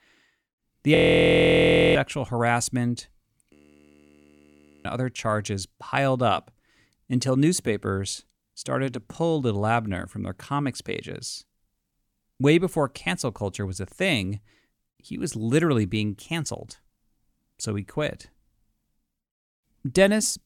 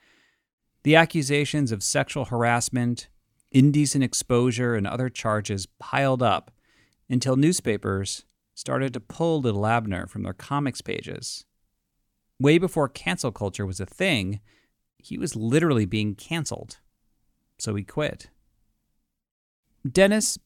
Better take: second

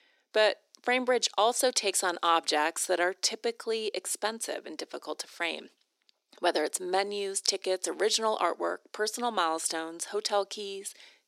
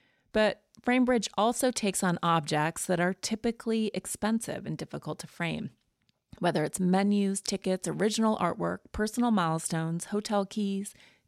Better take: second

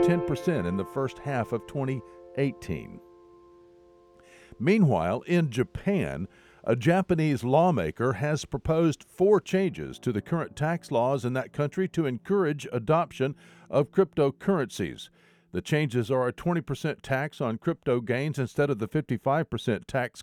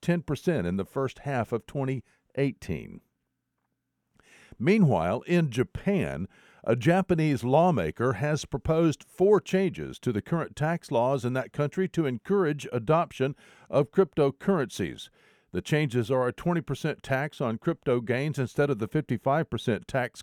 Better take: second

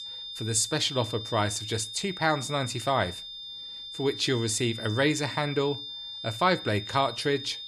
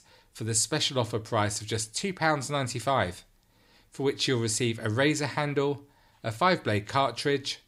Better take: second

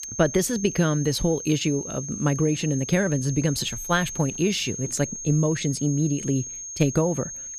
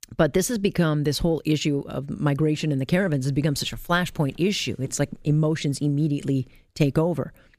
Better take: second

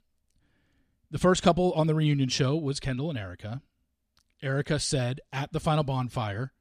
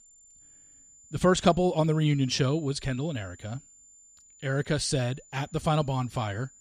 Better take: first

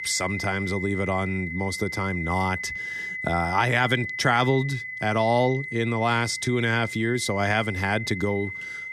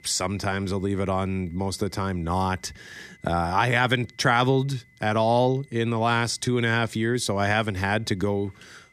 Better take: second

